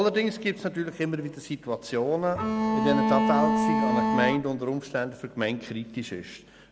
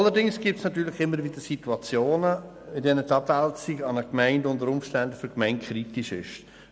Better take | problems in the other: second | background sound (Bowed string instrument); 4 dB above the speech

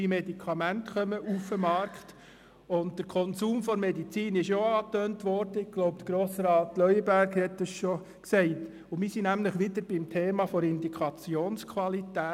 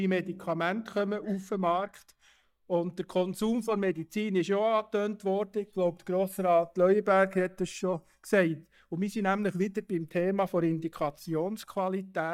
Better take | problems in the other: first | noise reduction (neural mask model DeepFilterNet 3)

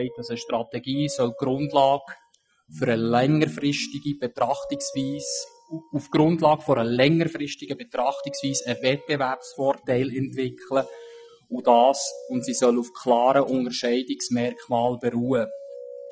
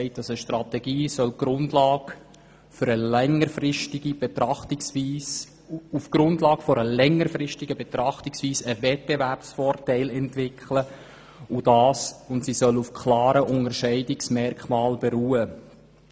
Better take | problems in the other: second | noise reduction (classical method Wiener filter)

